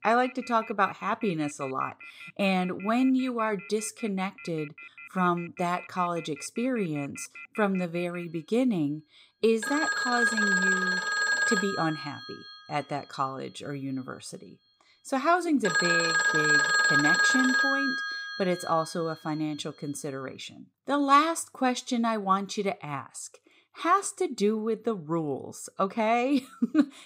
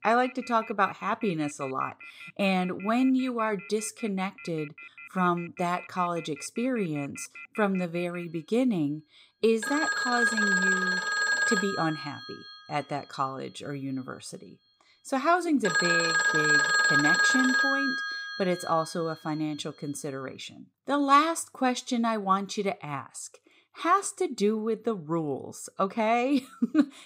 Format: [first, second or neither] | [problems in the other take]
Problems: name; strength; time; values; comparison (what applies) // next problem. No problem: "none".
neither | alarms or sirens; very loud; until 20 s; 4 dB above the speech; the same in both